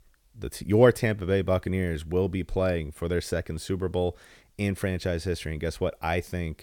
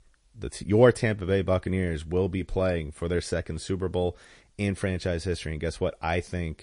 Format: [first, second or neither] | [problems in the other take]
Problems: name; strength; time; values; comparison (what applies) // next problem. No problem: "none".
first | garbled, watery; slightly; nothing above 10.5 kHz